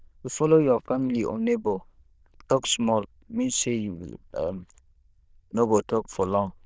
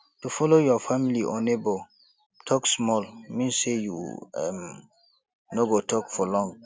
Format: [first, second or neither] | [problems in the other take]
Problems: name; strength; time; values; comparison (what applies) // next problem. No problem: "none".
second | noise reduction (neural diffusion model UNIVERSE++)